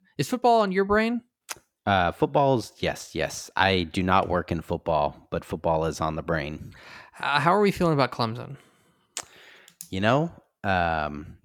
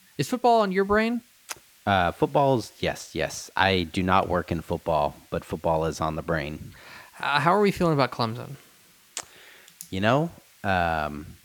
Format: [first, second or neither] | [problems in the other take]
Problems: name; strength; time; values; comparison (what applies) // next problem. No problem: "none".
first | hiss; faint; throughout; 30 dB below the speech